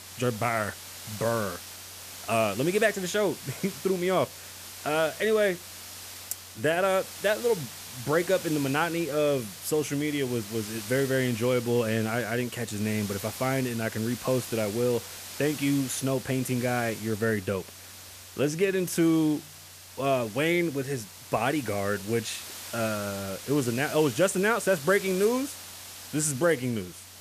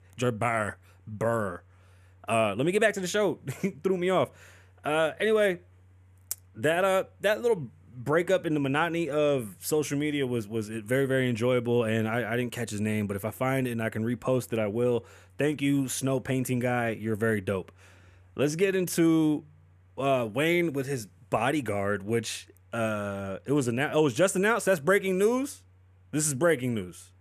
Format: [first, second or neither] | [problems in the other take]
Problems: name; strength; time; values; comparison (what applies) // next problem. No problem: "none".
second | hiss; noticeable; throughout; 10 dB below the speech